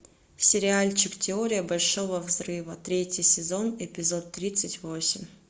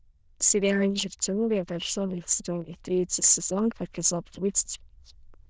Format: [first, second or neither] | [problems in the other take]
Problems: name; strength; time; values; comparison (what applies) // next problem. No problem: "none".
first | noise reduction (neural diffusion model UNIVERSE++)